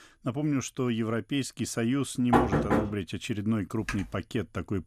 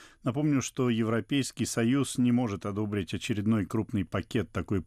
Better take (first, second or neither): second